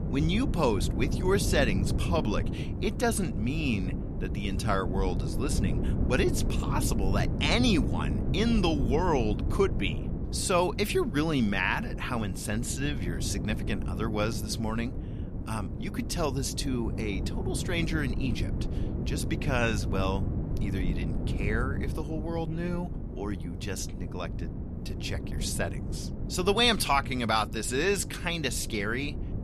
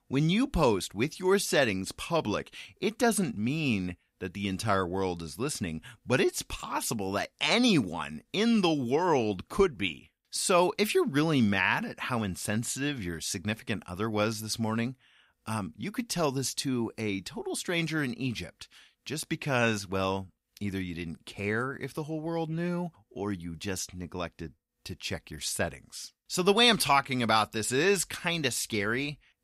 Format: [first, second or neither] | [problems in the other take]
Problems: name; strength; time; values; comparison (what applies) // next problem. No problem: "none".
second | wind noise on the microphone; occasional gusts; 10 dB below the speech